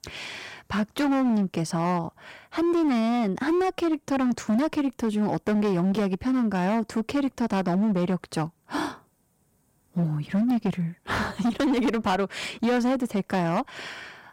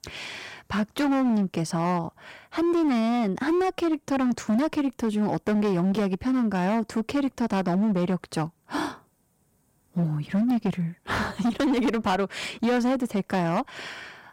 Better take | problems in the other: neither | distortion; slight; 15% of the sound clipped; the same in both

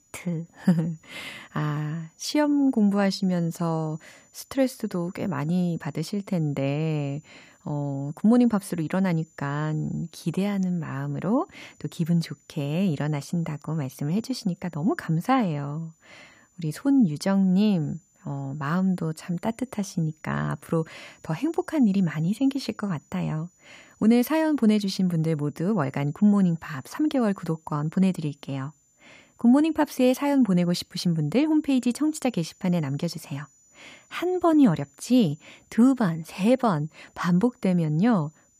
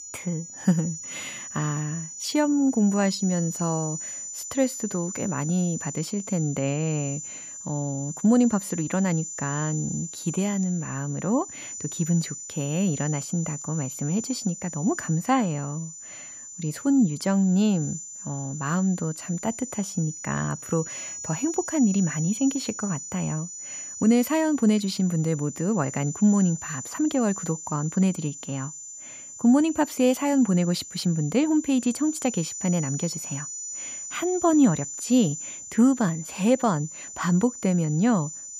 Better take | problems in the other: first | high-pitched whine; loud; throughout; 7 kHz, 9 dB below the speech; faint in the first

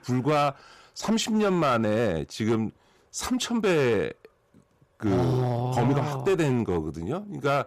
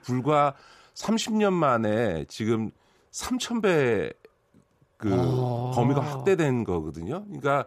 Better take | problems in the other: second | distortion; slight; 8% of the sound clipped

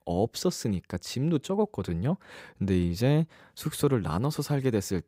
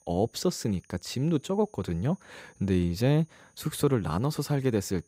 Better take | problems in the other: first | high-pitched whine; faint; throughout; 6.5 kHz, 35 dB below the speech

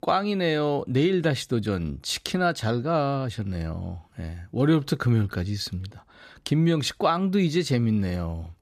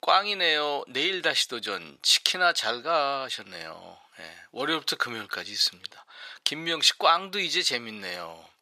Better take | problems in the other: first | thin; very; fading below 750 Hz

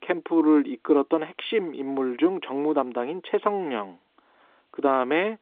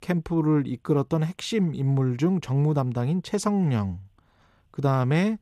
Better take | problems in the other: second | phone-call audio

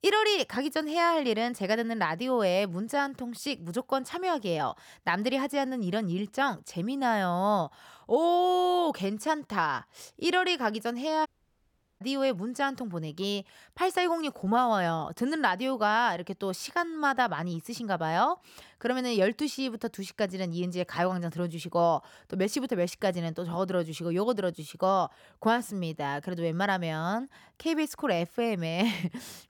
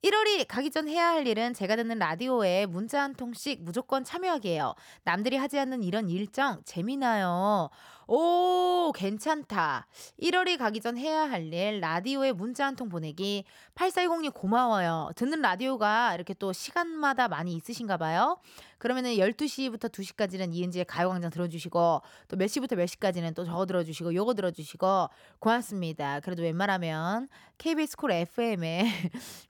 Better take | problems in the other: second | audio cutting out; at 11 s for 0.5 s

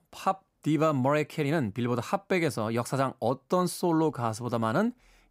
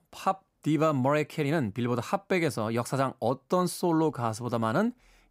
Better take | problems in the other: neither | none

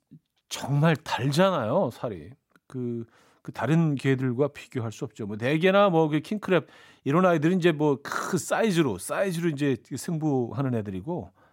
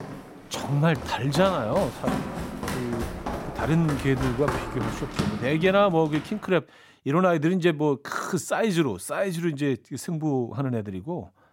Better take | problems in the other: first | footsteps; noticeable; until 6 s; peak 3 dB below the speech

